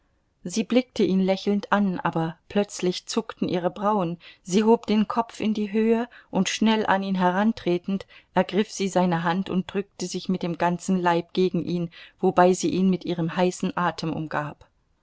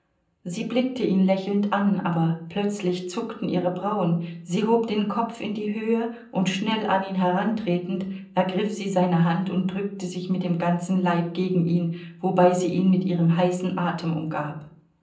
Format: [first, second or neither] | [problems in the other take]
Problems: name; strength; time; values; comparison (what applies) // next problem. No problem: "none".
first | room echo; dies away in 0.6 s